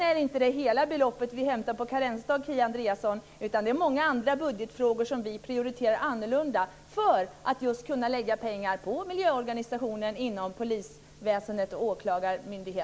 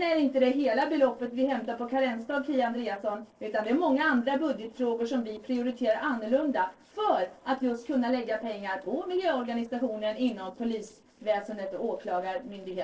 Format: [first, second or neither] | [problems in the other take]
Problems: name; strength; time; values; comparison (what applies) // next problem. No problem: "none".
first | noise reduction (neural separator model SepFormer DNS4)